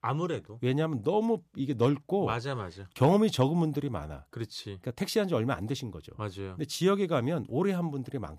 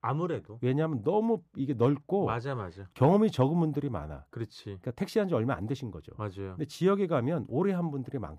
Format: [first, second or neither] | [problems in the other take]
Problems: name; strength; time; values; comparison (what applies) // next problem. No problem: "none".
first | muffled; slightly; fading above 2.5 kHz